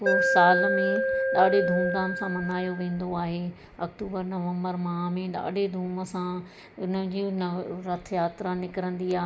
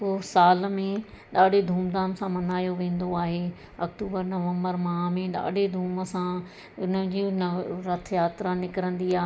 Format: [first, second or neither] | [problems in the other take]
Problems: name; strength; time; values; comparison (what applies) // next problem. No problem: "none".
second | background sound (Alarm); 2 dB above the speech